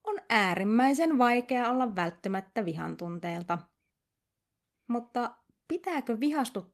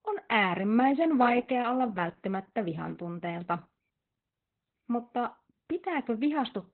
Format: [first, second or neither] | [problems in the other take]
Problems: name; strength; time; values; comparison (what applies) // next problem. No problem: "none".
first | garbled, watery; badly; nothing above 4 kHz; slightly in the first